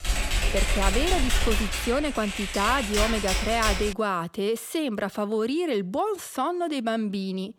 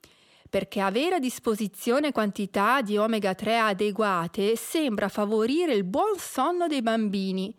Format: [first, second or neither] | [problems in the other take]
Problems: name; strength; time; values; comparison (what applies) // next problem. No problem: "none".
second | keyboard typing; loud; until 4 s; peak 2 dB above the speech